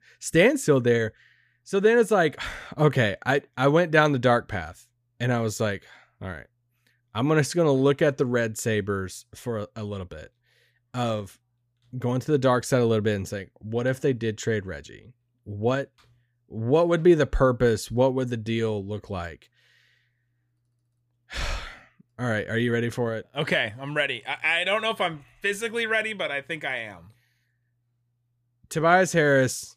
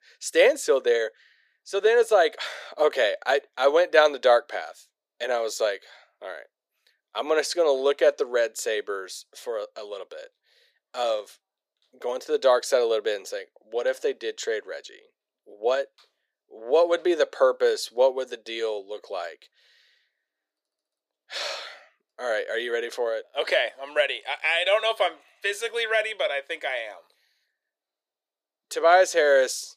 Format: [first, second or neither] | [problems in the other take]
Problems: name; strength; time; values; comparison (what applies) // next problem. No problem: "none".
first | thin; very; fading below 400 Hz